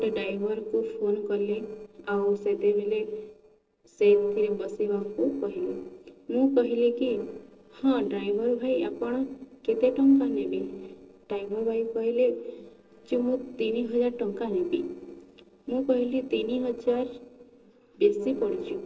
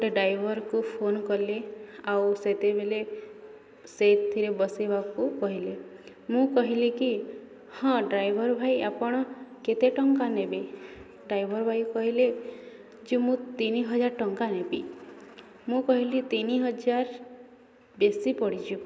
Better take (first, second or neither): second